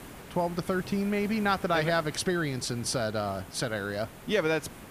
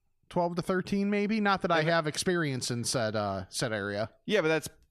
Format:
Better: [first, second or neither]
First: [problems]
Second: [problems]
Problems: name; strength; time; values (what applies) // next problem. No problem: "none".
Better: second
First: hiss; noticeable; throughout; 15 dB below the speech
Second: none